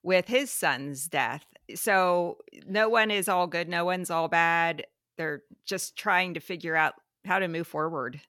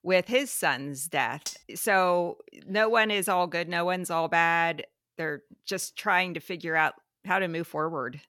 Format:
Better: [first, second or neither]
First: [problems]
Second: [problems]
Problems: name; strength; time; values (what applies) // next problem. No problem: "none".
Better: first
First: none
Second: clattering dishes; faint; at 1.5 s; peak 10 dB below the speech